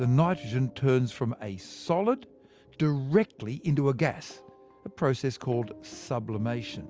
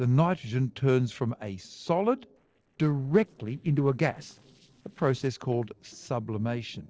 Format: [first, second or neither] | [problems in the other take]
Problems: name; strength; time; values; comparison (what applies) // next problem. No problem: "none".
first | noise reduction (neural separator model SepFormer DNS4)